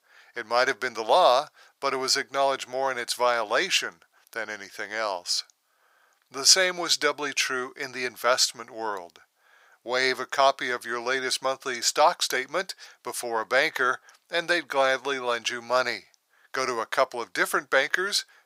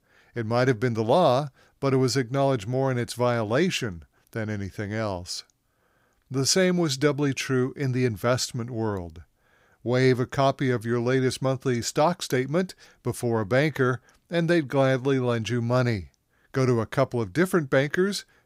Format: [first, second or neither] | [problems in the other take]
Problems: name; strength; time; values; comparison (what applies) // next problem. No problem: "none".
second | thin; very; fading below 850 Hz